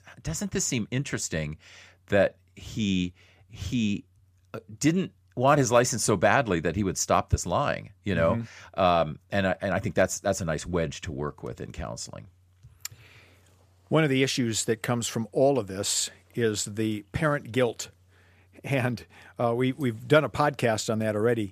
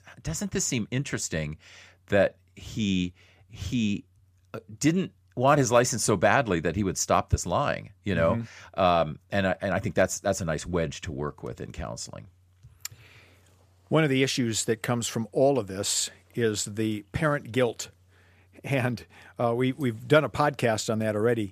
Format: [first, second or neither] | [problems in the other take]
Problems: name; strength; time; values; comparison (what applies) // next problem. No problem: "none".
neither | none